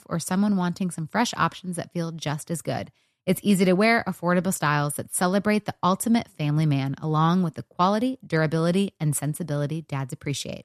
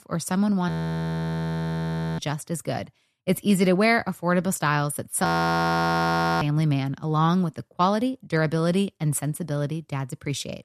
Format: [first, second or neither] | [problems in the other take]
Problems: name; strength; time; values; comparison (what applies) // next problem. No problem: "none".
first | audio freezing; at 0.5 s for 1.5 s and at 5.5 s for 1 s